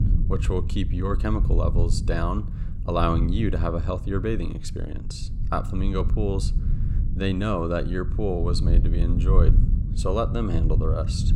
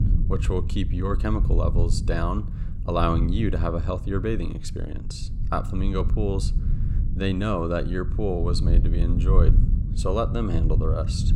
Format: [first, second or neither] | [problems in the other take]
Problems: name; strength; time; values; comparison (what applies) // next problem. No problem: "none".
neither | low rumble; noticeable; throughout; 10 dB below the speech; the same in both